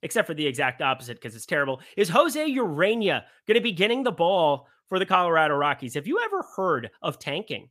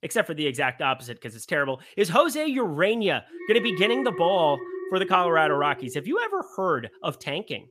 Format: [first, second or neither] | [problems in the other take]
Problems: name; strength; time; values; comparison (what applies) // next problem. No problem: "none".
first | alarm; noticeable; from 3.5 to 6.5 s; peak 6 dB below the speech